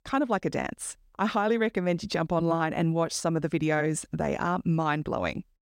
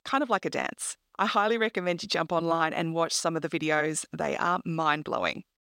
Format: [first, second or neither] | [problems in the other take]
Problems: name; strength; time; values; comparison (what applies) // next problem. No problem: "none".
first | thin; very slightly; fading below 800 Hz